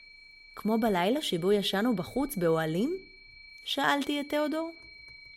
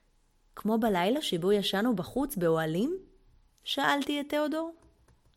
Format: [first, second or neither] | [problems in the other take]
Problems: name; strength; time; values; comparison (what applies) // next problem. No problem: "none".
second | high-pitched whine; faint; throughout; 2.5 kHz, 20 dB below the speech